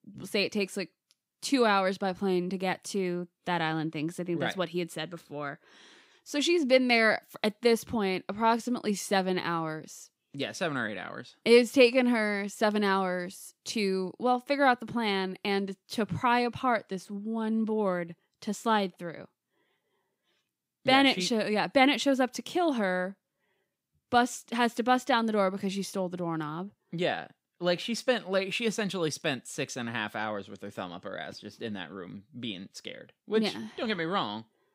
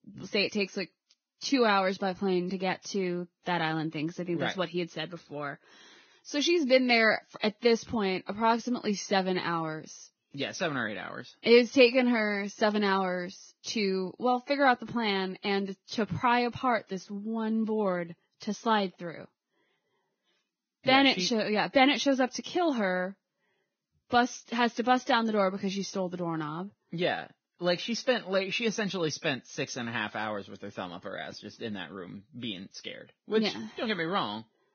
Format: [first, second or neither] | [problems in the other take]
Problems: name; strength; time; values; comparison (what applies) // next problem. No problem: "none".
first | garbled, watery; badly; nothing above 6.5 kHz